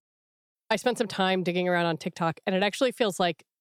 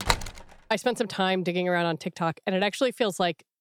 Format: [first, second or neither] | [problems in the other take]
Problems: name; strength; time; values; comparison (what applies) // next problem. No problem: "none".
first | door banging; noticeable; at the start; peak level with the speech